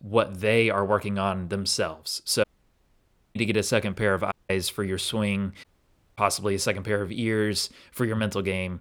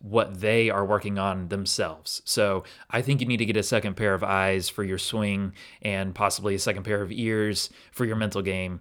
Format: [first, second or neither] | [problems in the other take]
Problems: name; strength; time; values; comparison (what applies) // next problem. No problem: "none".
second | audio cutting out; at 2.5 s for 1 s, at 4.5 s and at 5.5 s for 0.5 s